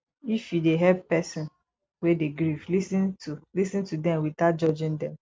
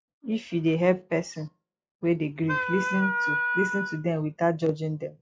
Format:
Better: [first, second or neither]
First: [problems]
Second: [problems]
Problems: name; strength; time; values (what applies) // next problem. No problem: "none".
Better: first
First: none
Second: noise reduction (classical method log-MMSE)